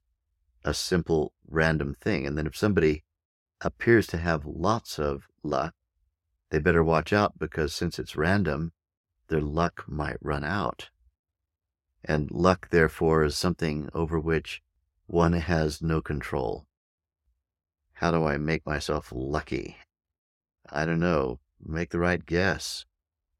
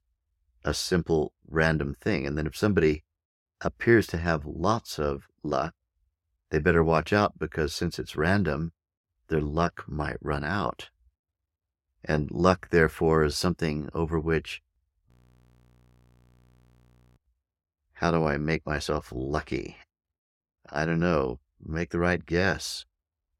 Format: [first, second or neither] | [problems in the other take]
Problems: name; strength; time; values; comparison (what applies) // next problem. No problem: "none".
first | audio freezing; at 15 s for 2 s